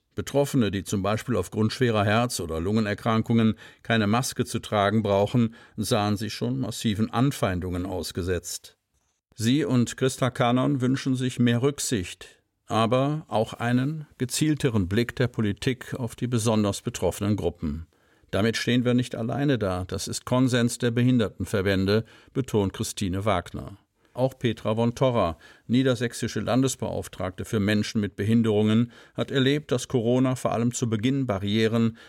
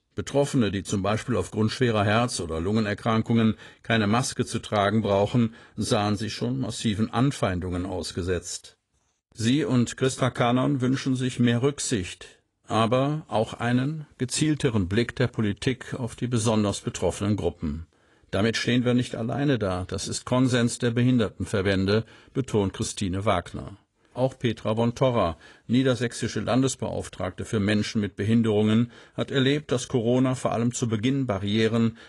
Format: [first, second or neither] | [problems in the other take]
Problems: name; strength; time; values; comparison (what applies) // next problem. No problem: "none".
first | garbled, watery; slightly; nothing above 10.5 kHz